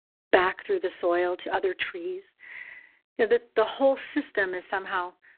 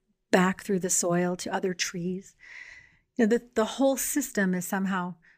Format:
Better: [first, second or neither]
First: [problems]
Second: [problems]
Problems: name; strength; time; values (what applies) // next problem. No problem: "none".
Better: second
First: phone-call audio; poor line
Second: none